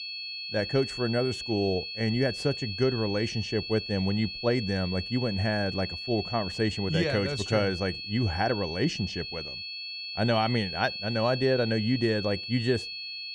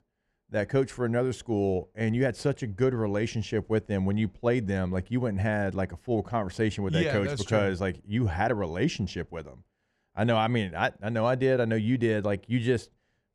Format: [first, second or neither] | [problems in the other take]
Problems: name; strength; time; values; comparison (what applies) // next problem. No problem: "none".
second | high-pitched whine; loud; throughout; 4.5 kHz, 6 dB below the speech